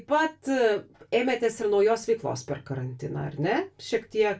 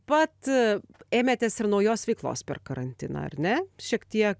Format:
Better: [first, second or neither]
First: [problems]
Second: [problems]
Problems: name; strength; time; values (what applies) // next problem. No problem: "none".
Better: second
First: room echo; dies away in 0.2 s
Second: none